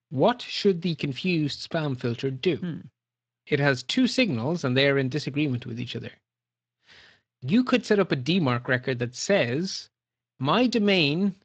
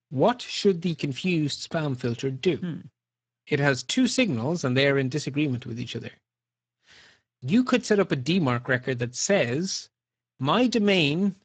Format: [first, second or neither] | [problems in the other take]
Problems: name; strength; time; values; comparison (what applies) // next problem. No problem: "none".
first | garbled, watery; badly; nothing above 7.5 kHz; slightly in the first